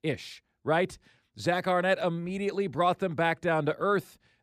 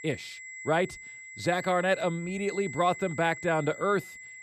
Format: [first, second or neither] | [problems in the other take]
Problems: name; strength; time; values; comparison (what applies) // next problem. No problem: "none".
first | high-pitched whine; noticeable; throughout; 2 kHz, 10 dB below the speech